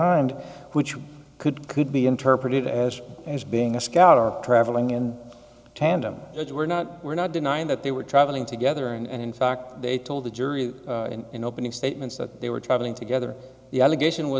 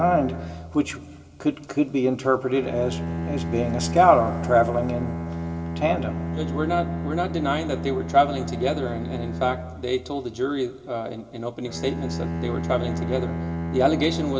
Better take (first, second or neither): first